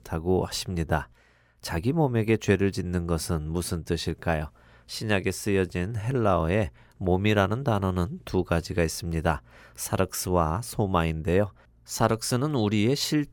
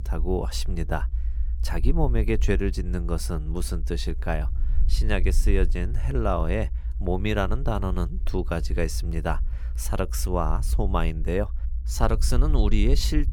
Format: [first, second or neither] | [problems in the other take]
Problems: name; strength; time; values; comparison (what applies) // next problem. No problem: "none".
first | low rumble; noticeable; throughout; 20 dB below the speech